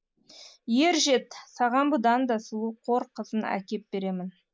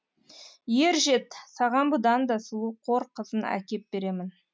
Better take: second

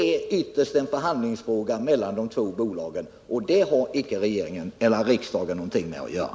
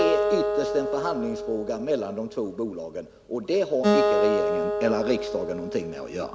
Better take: first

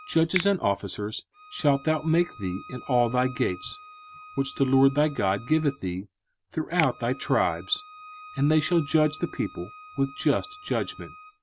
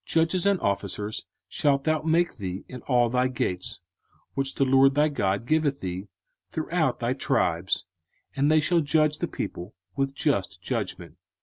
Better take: second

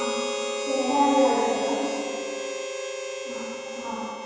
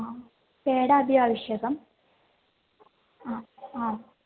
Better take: second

